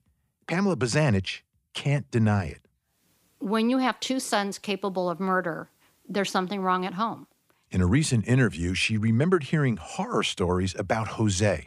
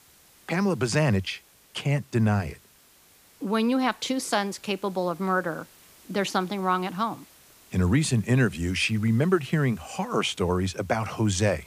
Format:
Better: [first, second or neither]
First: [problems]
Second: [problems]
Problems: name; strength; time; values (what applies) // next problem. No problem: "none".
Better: first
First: none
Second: hiss; faint; throughout; 25 dB below the speech